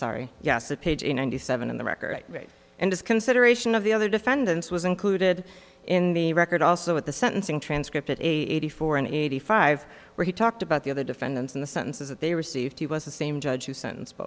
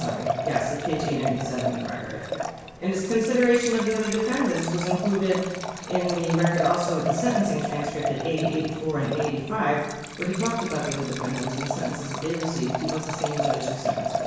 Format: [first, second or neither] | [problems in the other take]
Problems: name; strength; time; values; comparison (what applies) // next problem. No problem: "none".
first | background sound (Liquid); 5 dB below the speech // room echo; dies away in 1 s